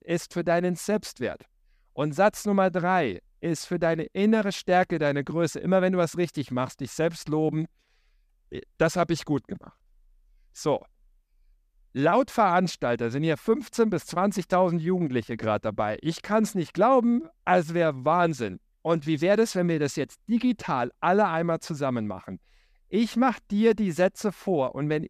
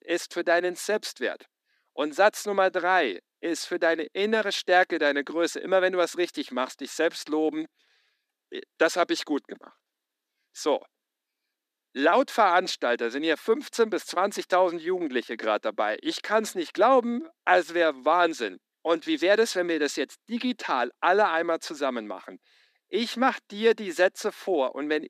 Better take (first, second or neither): first